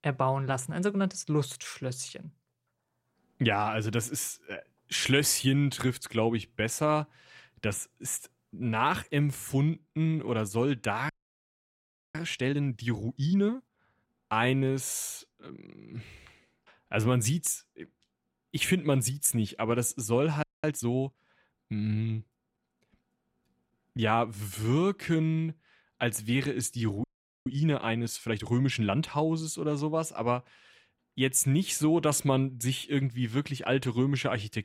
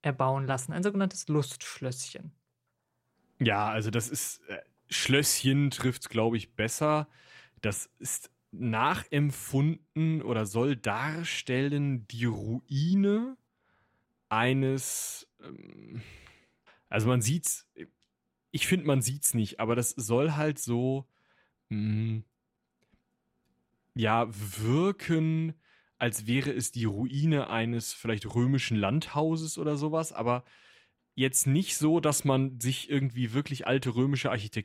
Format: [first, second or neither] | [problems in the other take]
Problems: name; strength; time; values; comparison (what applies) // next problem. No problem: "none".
second | audio freezing; at 11 s for 1 s, at 20 s and at 27 s